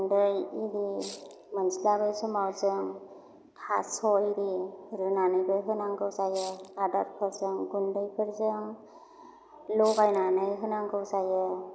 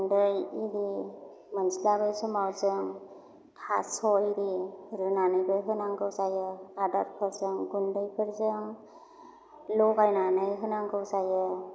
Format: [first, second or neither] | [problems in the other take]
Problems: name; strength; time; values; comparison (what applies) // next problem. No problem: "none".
second | background sound (Rattle (instrument)); 17 dB below the speech